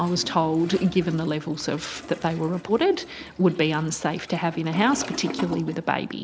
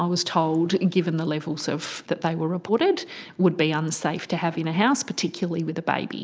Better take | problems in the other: second | background sound (Toilet flush); 14 dB below the speech

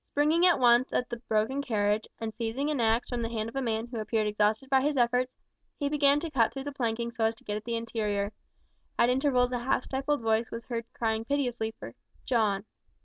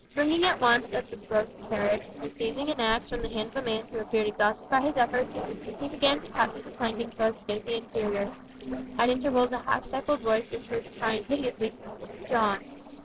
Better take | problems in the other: first | noise reduction (neural separator model SepFormer DNS4)

